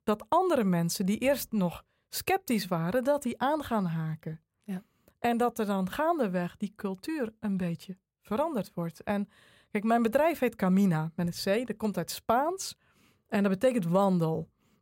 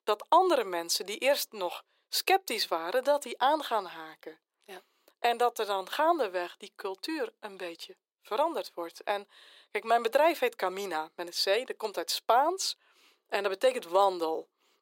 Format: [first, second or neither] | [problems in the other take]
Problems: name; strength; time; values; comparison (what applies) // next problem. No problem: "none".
first | thin; very; fading below 350 Hz